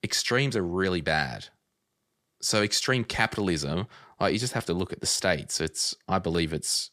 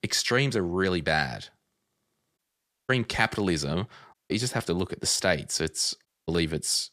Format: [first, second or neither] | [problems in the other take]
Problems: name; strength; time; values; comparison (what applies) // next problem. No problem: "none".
first | audio cutting out; at 2.5 s for 0.5 s, at 4 s and at 6 s